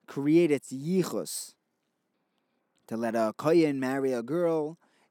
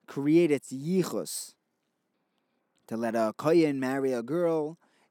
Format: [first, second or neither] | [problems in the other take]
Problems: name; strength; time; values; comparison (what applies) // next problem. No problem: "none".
neither | none